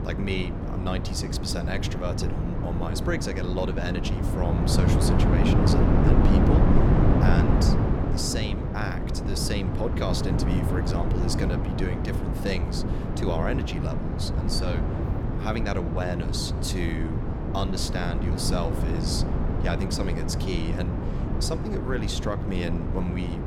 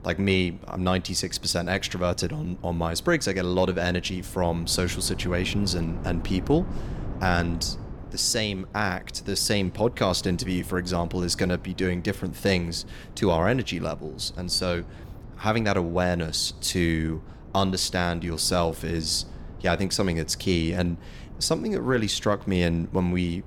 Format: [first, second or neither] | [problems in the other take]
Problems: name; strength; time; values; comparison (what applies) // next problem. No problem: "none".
second | wind noise on the microphone; heavy; as loud as the speech; occasional gusts in the second